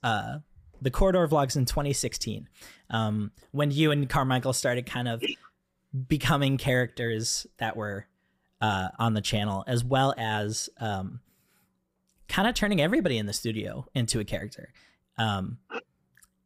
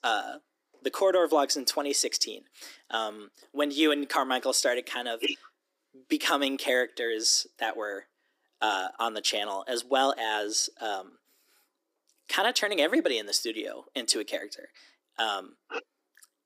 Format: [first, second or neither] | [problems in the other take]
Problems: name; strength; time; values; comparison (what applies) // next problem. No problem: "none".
first | thin; somewhat; fading below 300 Hz